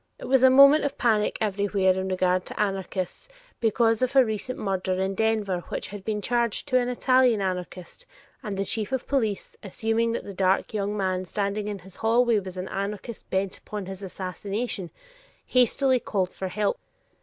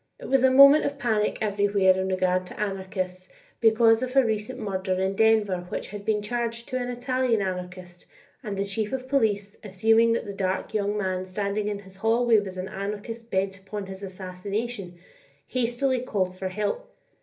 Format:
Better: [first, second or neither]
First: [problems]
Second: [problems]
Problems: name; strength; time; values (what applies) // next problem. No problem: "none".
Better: first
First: none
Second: room echo; dies away in 0.3 s